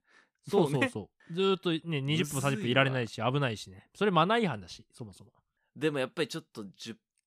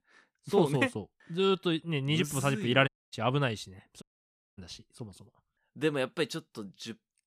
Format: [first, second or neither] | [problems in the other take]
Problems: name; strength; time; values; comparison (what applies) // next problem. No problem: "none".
first | audio cutting out; at 3 s and at 4 s for 0.5 s